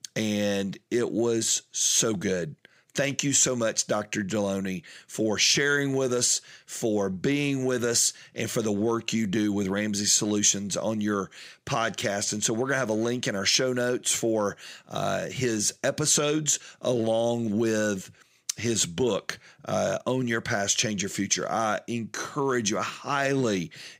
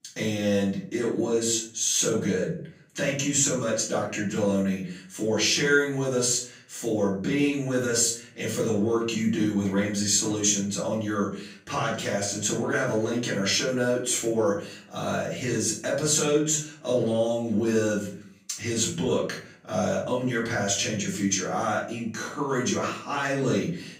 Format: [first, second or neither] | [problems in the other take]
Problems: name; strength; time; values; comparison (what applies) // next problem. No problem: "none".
first | off-mic speech; far // room echo; noticeable; dies away in 0.4 s